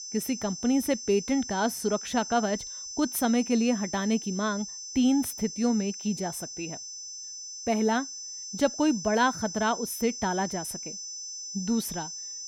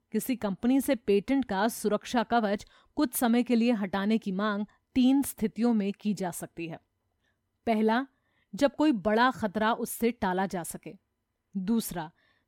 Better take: second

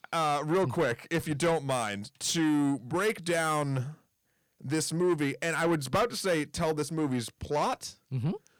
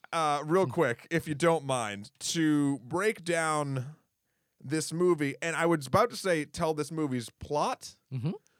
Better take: second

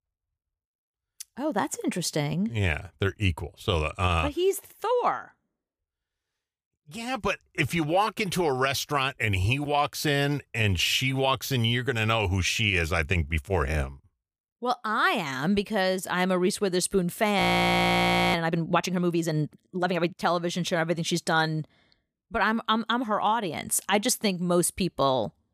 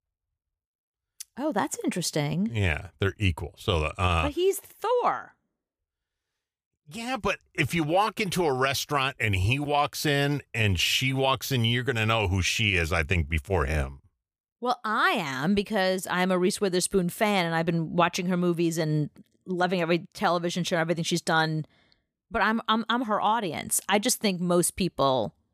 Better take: second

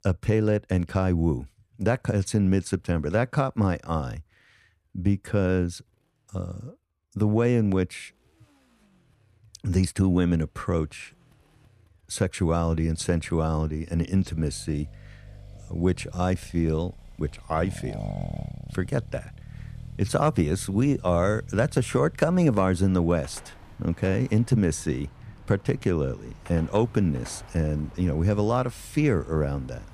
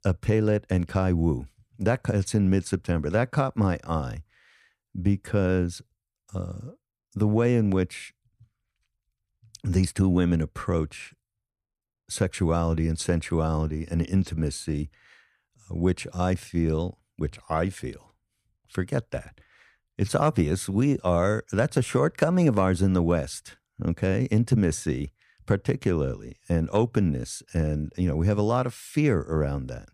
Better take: second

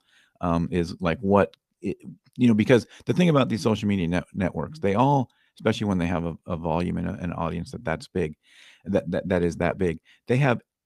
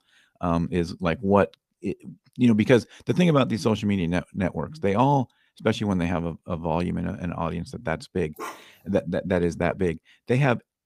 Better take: first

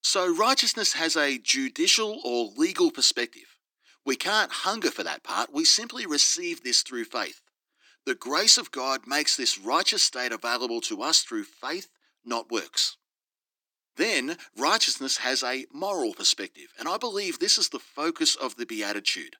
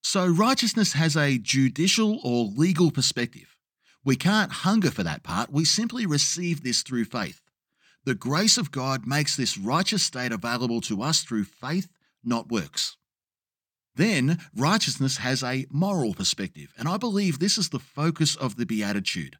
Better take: second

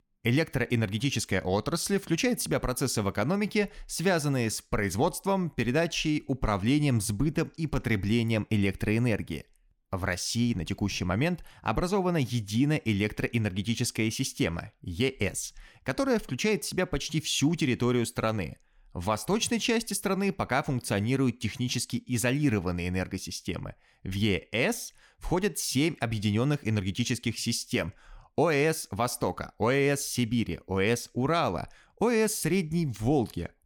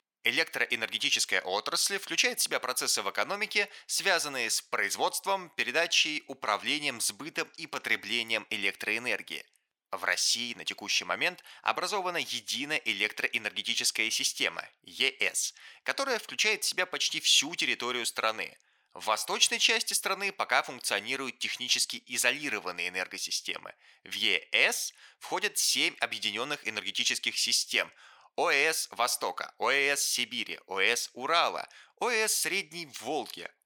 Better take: first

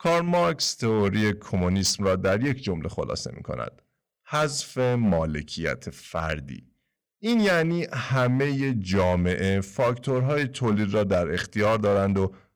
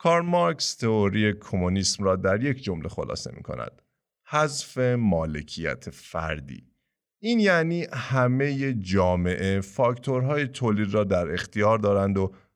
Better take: second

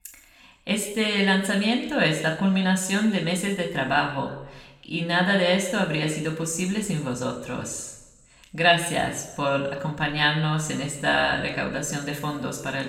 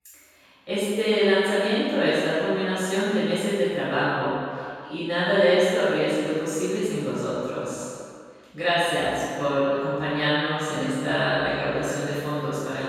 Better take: first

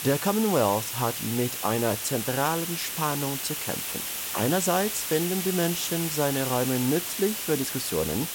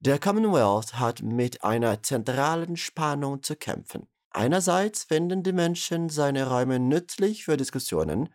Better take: second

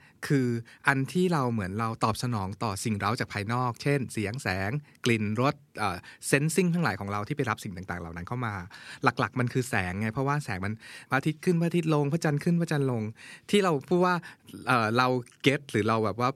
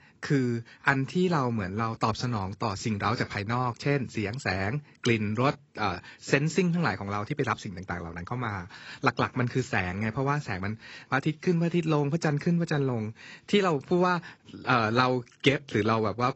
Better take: first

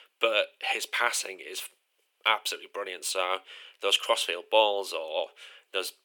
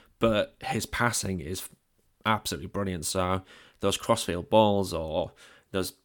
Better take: second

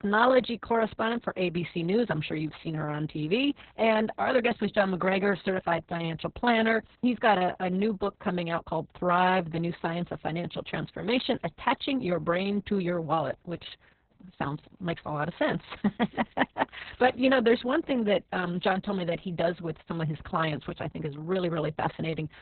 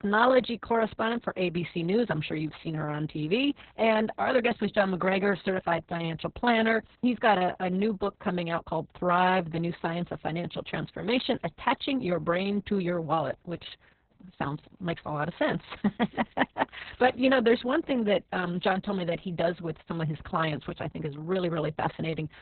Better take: neither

